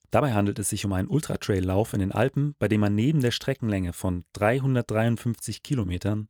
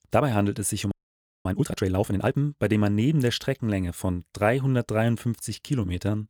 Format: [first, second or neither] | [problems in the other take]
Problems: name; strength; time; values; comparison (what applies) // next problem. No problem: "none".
first | audio freezing; at 1 s for 0.5 s